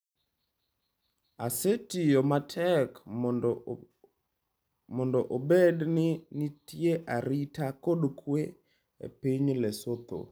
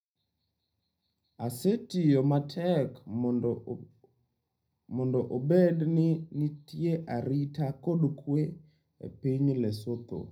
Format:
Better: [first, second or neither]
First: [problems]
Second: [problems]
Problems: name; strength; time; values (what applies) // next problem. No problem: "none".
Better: first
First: none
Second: room echo; dies away in 0.4 s